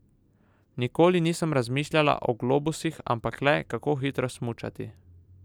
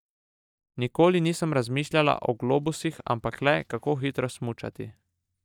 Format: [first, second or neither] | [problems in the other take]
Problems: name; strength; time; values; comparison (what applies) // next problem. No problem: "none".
first | noise reduction (neural mask model DeepFilterNet 3)